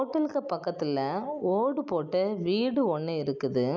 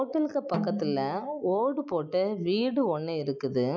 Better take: first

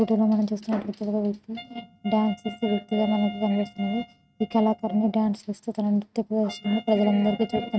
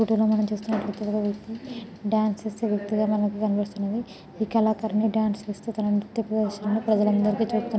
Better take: second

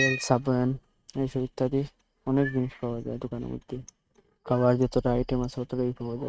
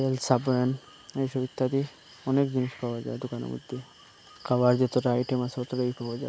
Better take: second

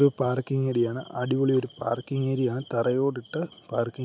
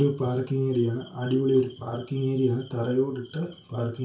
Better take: first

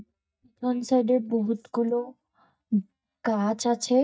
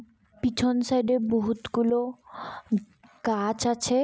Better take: second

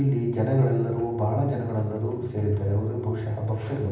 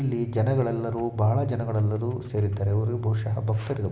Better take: second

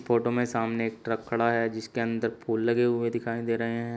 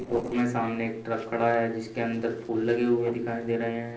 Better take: first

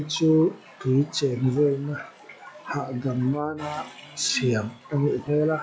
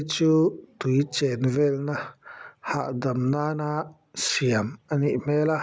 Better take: second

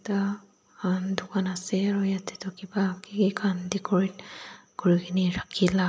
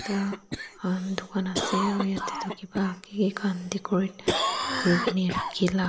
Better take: first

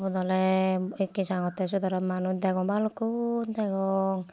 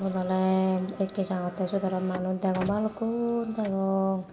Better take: first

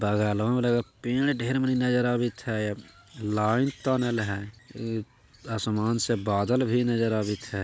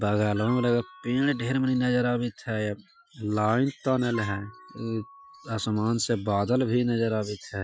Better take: first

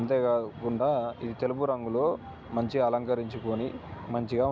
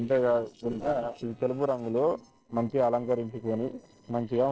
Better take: first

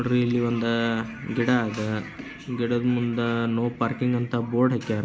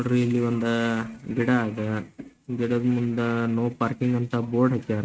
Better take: first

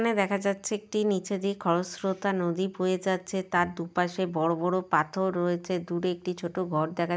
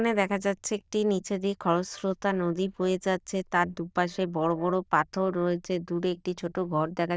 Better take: first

